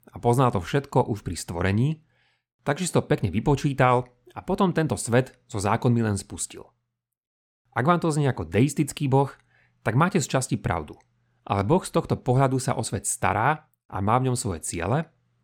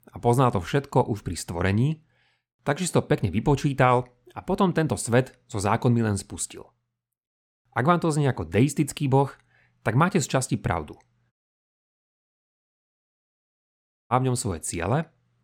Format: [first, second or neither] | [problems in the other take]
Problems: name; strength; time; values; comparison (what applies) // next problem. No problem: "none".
first | audio cutting out; at 11 s for 3 s